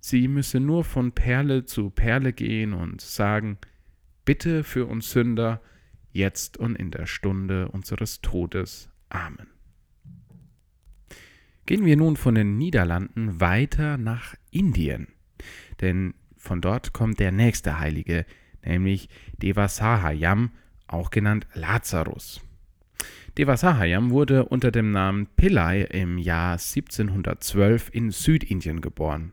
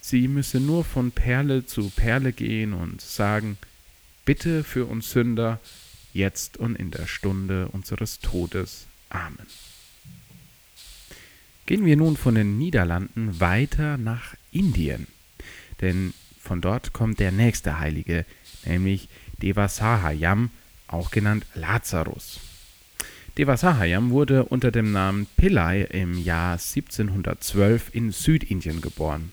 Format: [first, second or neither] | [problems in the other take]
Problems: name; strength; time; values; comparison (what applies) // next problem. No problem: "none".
first | hiss; faint; throughout; 25 dB below the speech